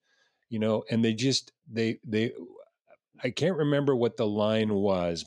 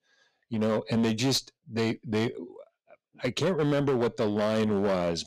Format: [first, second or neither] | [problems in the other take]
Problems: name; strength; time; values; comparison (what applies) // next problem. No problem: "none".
first | distortion; slight; 12% of the sound clipped